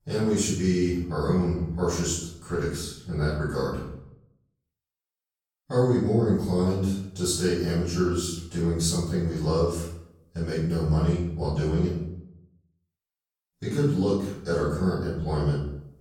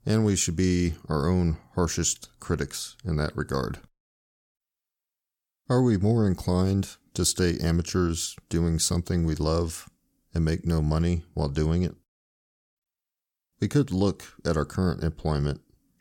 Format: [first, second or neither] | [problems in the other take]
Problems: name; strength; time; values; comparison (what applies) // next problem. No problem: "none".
second | room echo; noticeable; dies away in 0.6 s // off-mic speech; far